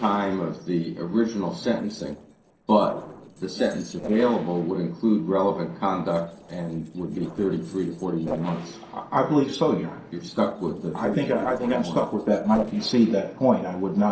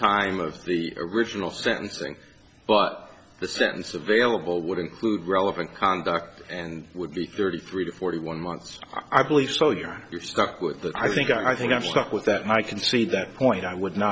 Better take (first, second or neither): second